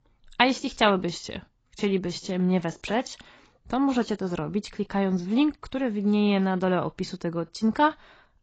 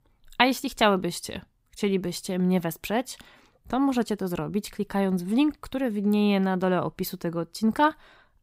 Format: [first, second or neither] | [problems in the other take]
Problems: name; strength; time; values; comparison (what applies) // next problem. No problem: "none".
second | garbled, watery; badly; nothing above 7.5 kHz